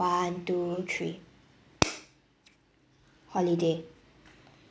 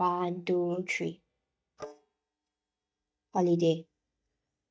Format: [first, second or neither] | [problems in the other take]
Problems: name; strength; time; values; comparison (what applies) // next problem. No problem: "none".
first | noise reduction (neural mask model DeepFilterNet 3)